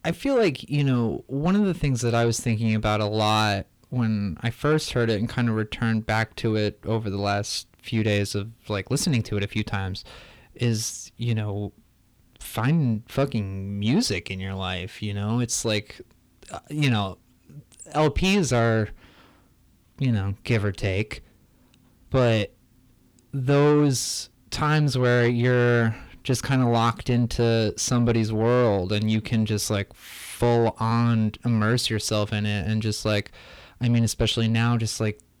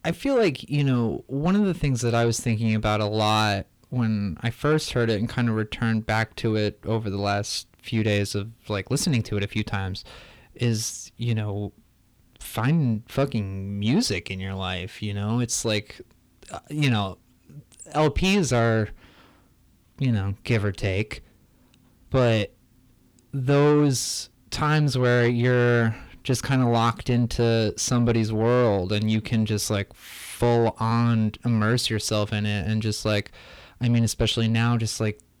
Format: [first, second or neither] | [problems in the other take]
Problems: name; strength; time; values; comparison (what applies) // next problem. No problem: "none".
neither | distortion; slight; 10 dB below the speech; the same in both